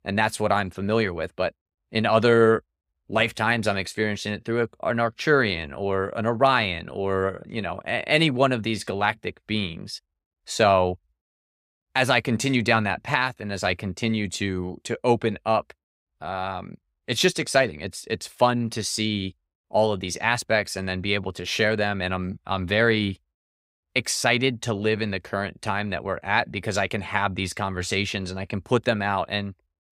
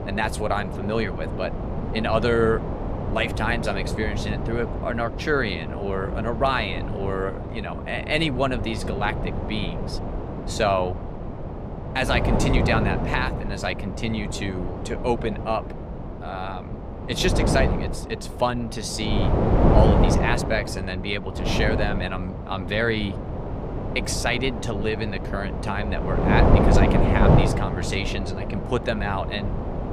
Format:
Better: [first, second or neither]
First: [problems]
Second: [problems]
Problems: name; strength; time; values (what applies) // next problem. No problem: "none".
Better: first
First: none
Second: wind noise on the microphone; heavy; 4 dB below the speech